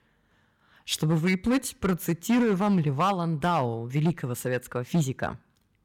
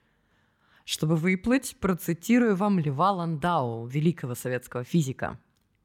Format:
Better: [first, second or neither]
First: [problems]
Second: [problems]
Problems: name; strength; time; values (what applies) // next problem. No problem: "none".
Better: second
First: distortion; slight; 6% of the sound clipped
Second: none